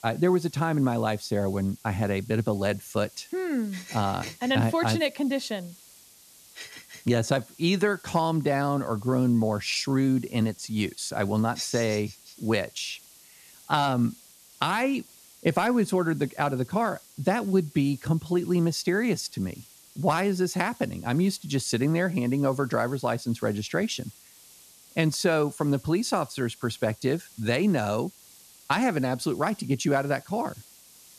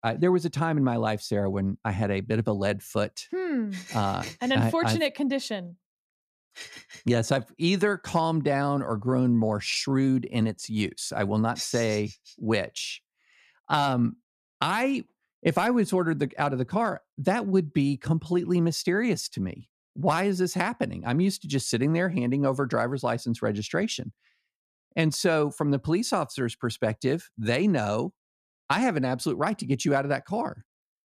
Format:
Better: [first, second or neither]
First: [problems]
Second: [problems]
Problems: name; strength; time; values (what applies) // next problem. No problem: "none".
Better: second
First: hiss; faint; throughout; 25 dB below the speech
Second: none